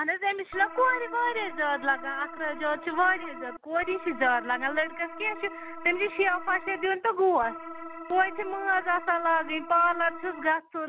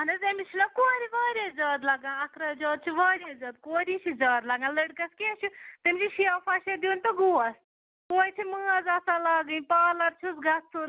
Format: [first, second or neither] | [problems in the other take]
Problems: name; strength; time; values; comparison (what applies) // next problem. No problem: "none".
second | background sound (Organ); 12 dB below the speech